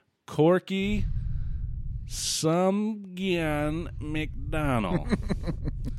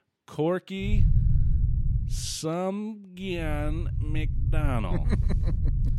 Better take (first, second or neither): first